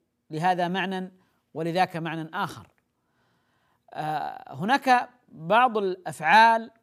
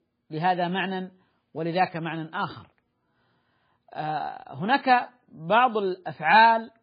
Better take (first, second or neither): first